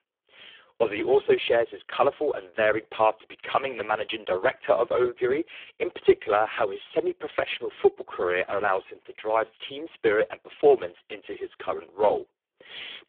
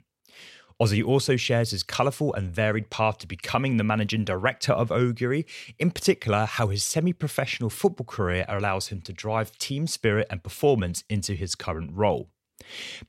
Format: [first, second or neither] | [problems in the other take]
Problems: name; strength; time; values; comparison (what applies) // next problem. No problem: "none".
second | phone-call audio; poor line